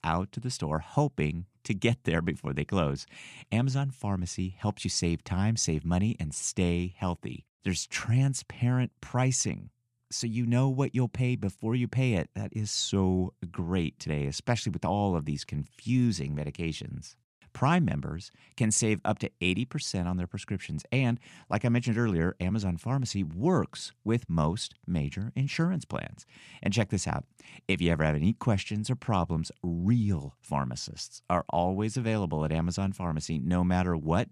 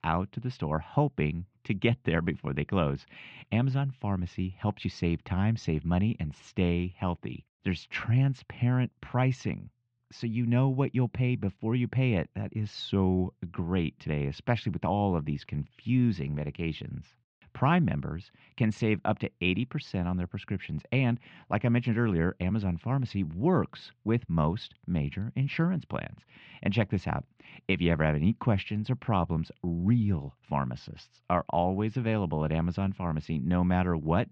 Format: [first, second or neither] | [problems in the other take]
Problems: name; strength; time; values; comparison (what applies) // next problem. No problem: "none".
first | muffled; very; fading above 3.5 kHz